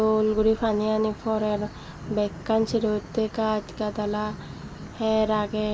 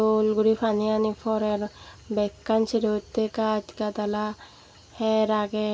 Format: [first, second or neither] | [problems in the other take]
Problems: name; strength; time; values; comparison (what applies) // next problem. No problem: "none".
second | background sound (Thunder / Wind / Rain); 14 dB below the speech